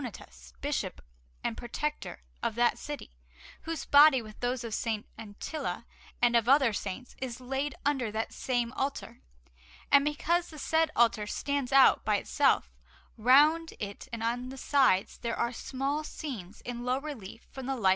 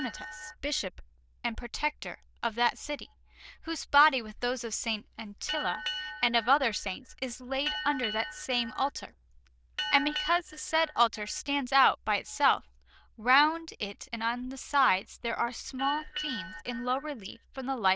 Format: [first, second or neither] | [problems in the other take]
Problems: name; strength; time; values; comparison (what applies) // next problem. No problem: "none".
first | noise reduction (neural diffusion model UNIVERSE++)